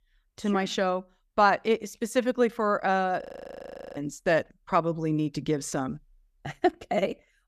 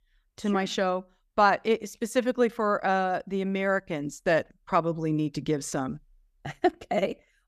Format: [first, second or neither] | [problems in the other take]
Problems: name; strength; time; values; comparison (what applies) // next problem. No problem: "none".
second | audio freezing; at 3 s for 0.5 s